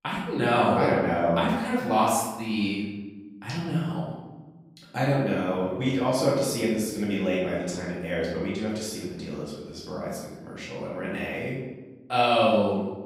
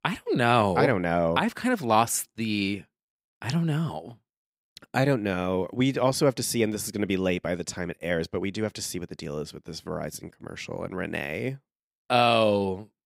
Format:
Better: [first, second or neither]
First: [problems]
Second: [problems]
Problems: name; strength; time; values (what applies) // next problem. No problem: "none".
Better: second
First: room echo; noticeable; dies away in 1 s // off-mic speech; far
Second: none